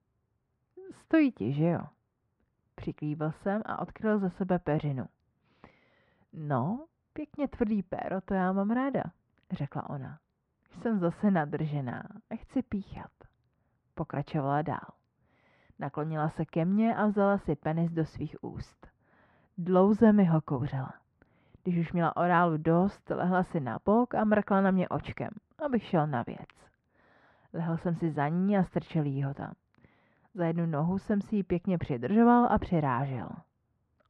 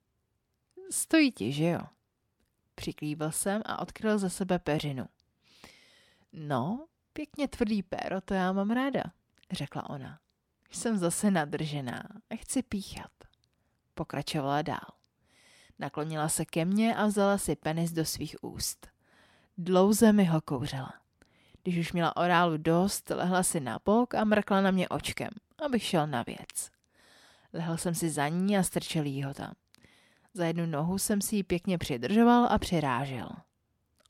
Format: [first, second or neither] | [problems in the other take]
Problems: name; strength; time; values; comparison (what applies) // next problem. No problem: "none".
second | muffled; very; fading above 1.5 kHz